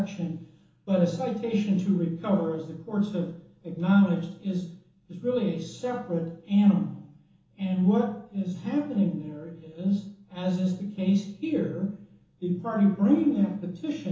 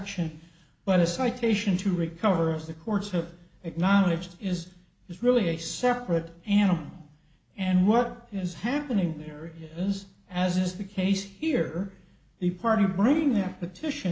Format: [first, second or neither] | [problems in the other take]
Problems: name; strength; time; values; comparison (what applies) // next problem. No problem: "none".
second | room echo; dies away in 1.2 s